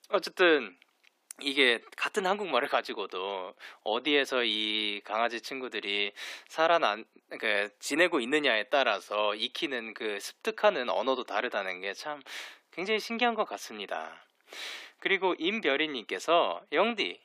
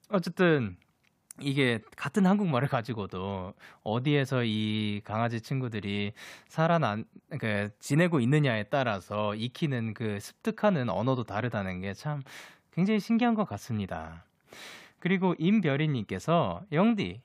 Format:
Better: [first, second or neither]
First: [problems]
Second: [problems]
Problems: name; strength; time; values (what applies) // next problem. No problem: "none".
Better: second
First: thin; very; fading below 300 Hz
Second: none